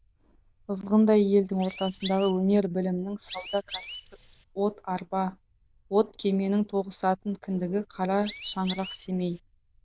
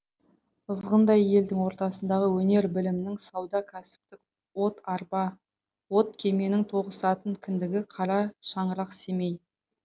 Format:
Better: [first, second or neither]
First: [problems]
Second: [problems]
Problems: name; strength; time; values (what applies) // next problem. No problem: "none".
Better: second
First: noise reduction (neural diffusion model UNIVERSE++)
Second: none